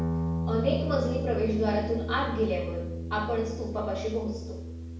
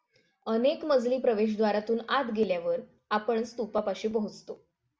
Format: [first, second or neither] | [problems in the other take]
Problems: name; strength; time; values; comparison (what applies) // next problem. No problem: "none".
second | background sound (Guitar); 2 dB below the speech // room echo; dies away in 0.7 s